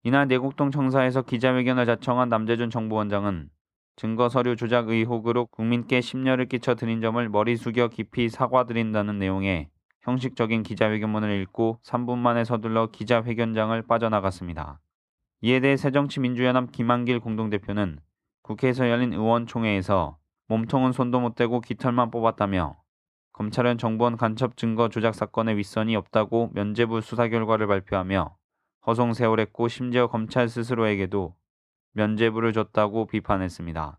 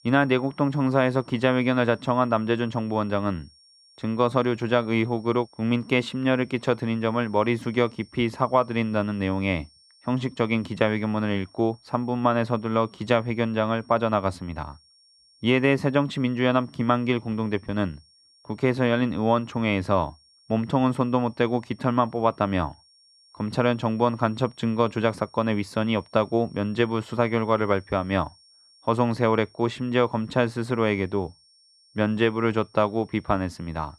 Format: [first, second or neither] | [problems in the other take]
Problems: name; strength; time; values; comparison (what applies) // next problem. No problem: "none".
first | high-pitched whine; faint; throughout; 5.5 kHz, 30 dB below the speech